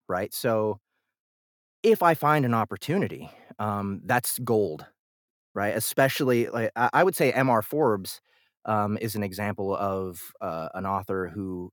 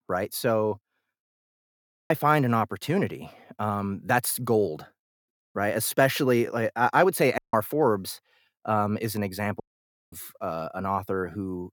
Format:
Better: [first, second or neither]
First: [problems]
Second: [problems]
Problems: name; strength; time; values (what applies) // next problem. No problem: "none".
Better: first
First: none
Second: audio cutting out; at 2 s, at 7.5 s and at 9.5 s for 0.5 s